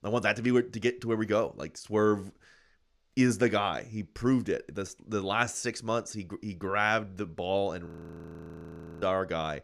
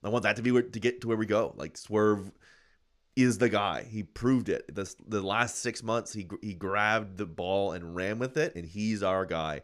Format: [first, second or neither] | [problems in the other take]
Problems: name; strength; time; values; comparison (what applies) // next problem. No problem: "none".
second | audio freezing; at 8 s for 1 s